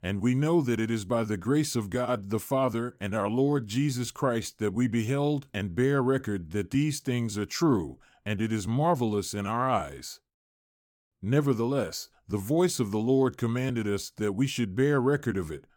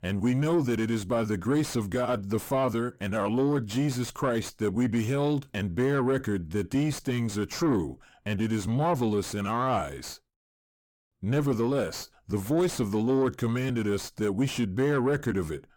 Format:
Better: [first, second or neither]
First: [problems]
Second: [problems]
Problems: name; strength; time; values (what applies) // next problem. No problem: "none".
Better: first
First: none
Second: distortion; slight; 9 dB below the speech